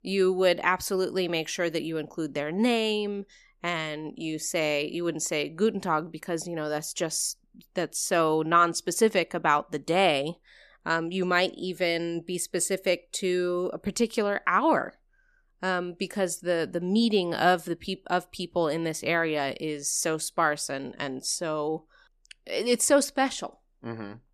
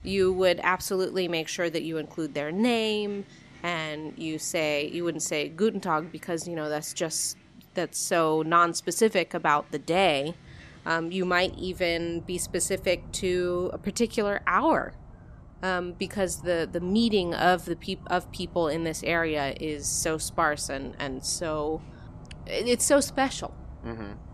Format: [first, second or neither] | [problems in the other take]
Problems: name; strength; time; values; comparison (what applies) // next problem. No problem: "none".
first | animal sounds; faint; throughout; 20 dB below the speech